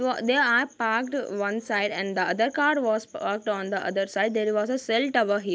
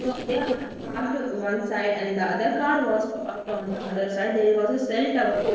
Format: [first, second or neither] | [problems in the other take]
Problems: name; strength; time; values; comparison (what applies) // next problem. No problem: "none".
first | noise reduction (neural separator model SepFormer DNS4)